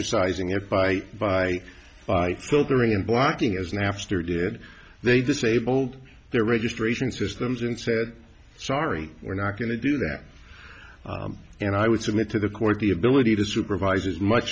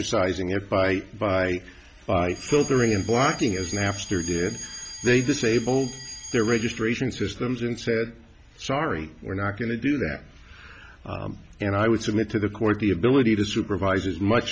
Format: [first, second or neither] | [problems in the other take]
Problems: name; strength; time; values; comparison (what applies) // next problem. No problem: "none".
first | background sound (Alarm); 18 dB below the speech